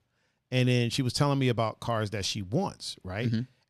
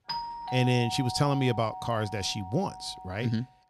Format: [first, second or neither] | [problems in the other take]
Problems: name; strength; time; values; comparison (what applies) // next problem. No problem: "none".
first | doorbell; noticeable; peak 5 dB below the speech